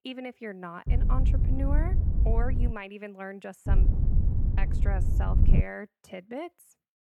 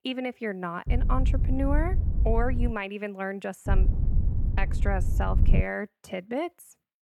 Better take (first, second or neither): second